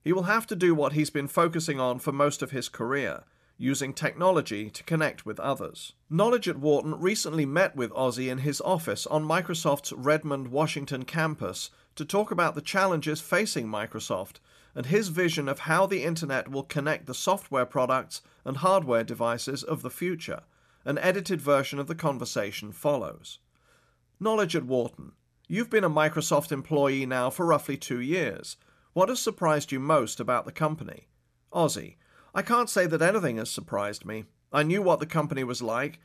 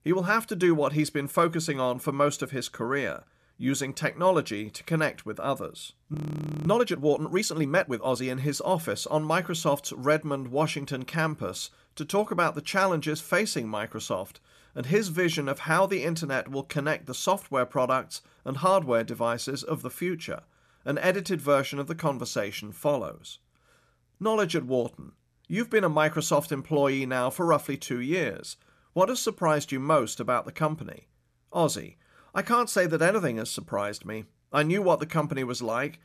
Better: first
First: none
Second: audio freezing; at 6 s for 0.5 s

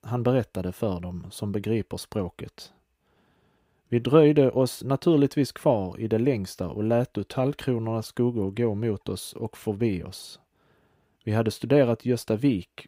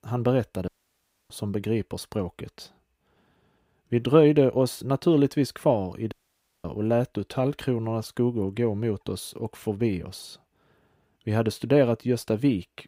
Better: first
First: none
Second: audio cutting out; at 0.5 s for 0.5 s and at 6 s for 0.5 s

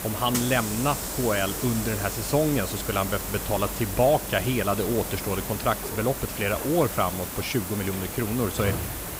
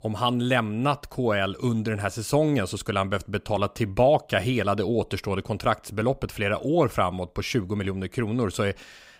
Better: second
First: hiss; loud; throughout; 4 dB below the speech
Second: none

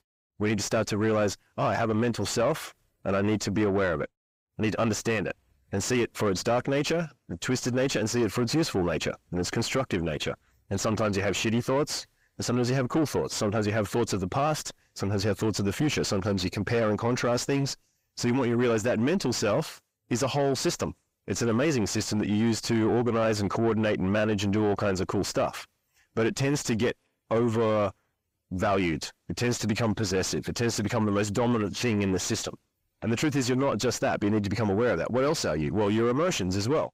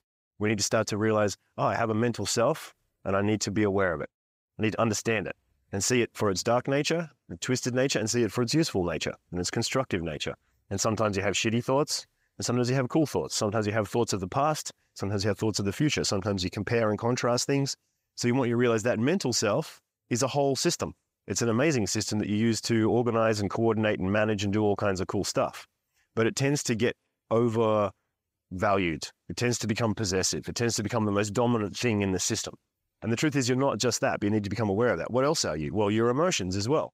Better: second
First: distortion; slight; 9 dB below the speech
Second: none

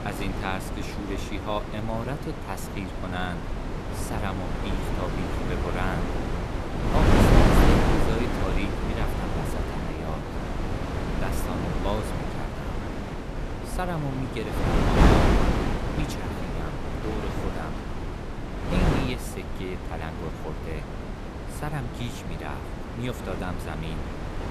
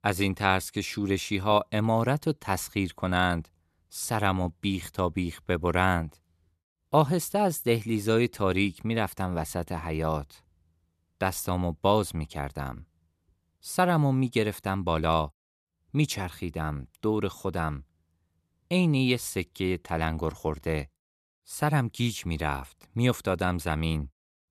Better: second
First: wind noise on the microphone; heavy; 4 dB above the speech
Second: none

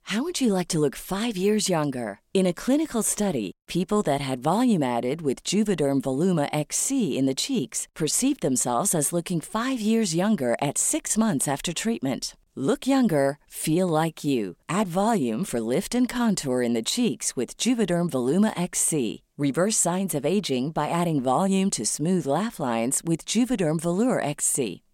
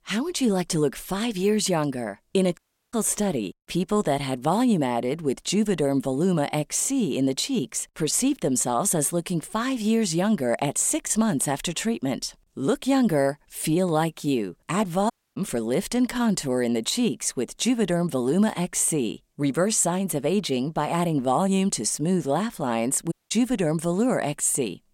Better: first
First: none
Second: audio cutting out; at 2.5 s, at 15 s and at 23 s

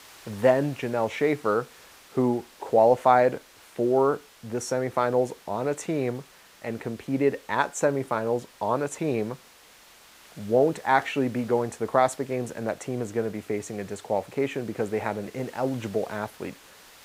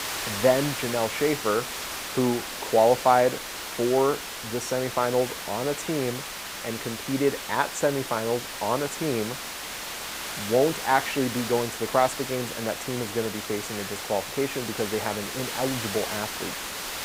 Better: first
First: hiss; faint; throughout; 25 dB below the speech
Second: hiss; loud; throughout; 6 dB below the speech

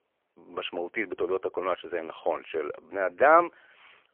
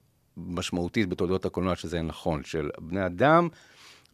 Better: second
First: phone-call audio; poor line; nothing above 3 kHz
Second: none

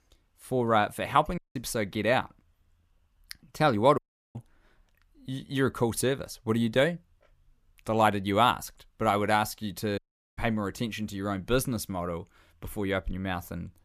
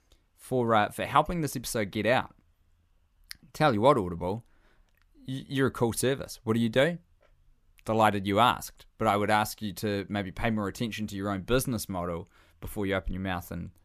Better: second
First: audio cutting out; at 1.5 s, at 4 s and at 10 s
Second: none

